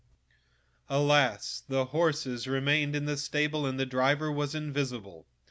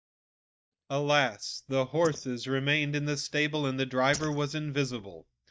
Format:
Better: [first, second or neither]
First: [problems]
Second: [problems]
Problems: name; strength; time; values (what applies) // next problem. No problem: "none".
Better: first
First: none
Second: noise reduction (neural mask model DeepFilterNet 3)